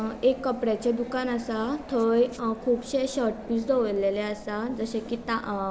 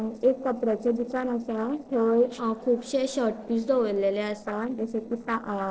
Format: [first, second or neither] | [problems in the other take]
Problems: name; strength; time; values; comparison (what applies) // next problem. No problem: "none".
first | noise reduction (neural separator model SepFormer DNS4)